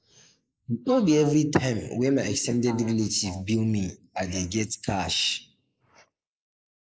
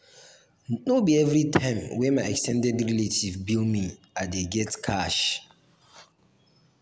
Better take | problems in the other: second | noise reduction (neural mask model Resemble Enhance denoiser)

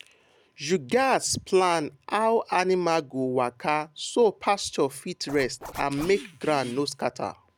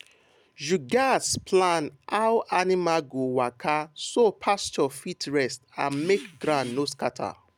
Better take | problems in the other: second | background sound (Zipper (clothing)); 16 dB below the speech

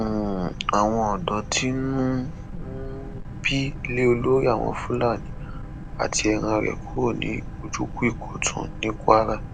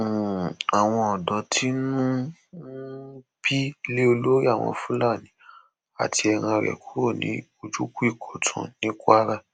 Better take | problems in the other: second | background sound (Boat, Water vehicle); 9 dB below the speech

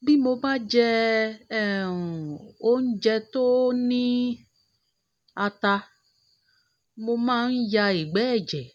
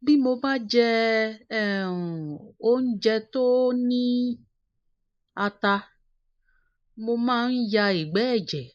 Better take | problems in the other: first | noise reduction (neural mask model Resemble Enhance denoiser)

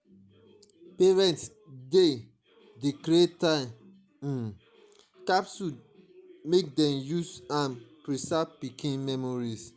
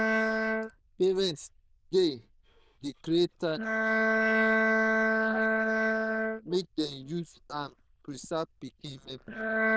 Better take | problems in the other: first | noise reduction (neural diffusion model UNIVERSE++)

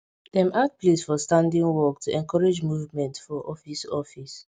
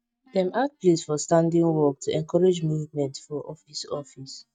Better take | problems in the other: first | noise reduction (neural mask model DeepFilterNet 3)

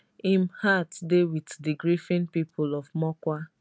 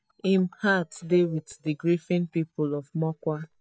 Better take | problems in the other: first | noise reduction (neural mask model DeepFilterNet 3)

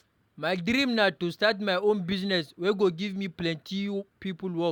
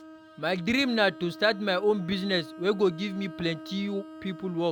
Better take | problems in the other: first | background sound (Bowed string instrument); 16 dB below the speech

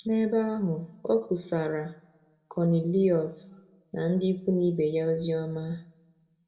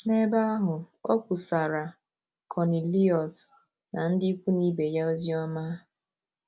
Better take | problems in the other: second | room echo; dies away in 0.7 s

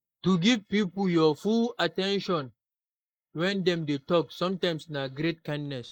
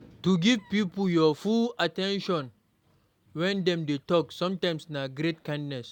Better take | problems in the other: second | noise reduction (neural mask model Resemble Enhance denoiser)

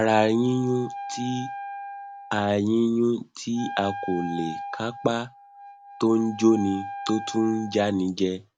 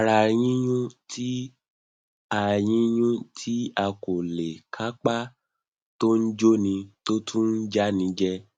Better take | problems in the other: second | background sound (Wind instrument, woodwind instrument); 12 dB below the speech

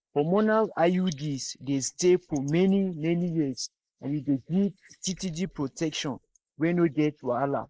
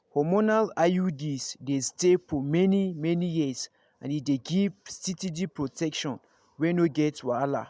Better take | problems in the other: second | noise reduction (neural mask model Resemble Enhance denoiser)

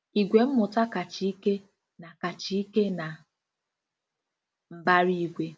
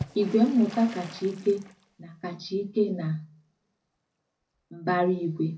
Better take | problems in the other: first | background sound (Water / Splash, splatter); 18 dB below the speech // room echo; dies away in 0.4 s

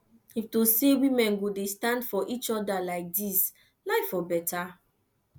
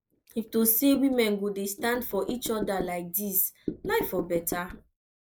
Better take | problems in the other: first | noise reduction (neural mask model Resemble Enhance denoiser)

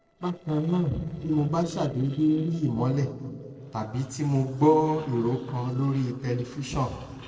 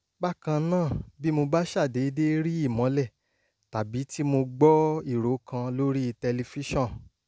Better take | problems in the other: second | noise reduction (neural separator model SepFormer DNS4)

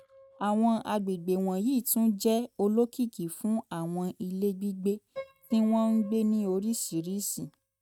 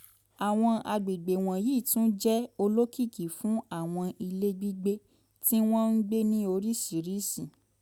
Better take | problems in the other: second | noise reduction (neural mask model RNNoise)

